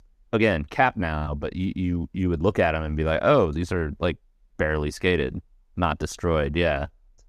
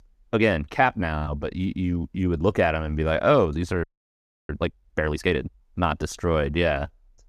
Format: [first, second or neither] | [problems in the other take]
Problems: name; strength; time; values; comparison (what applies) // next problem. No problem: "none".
first | audio freezing; at 4 s for 0.5 s